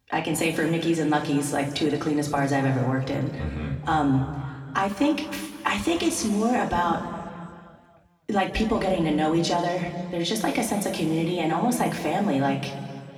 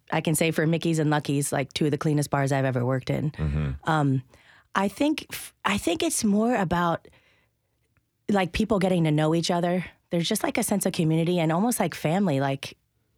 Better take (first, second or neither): second